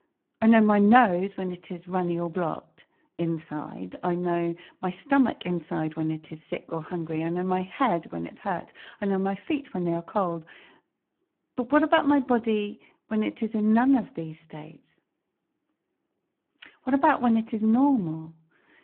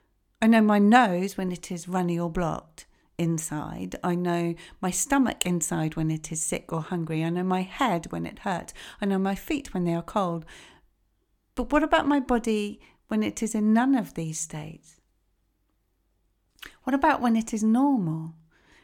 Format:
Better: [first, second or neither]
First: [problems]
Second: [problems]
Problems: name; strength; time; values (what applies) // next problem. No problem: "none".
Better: second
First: phone-call audio; poor line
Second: none